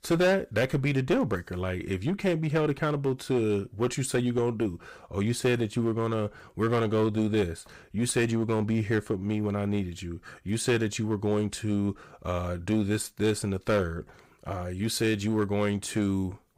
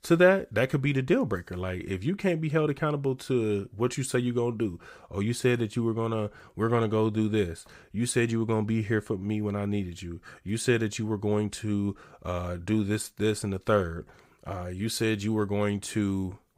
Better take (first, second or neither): second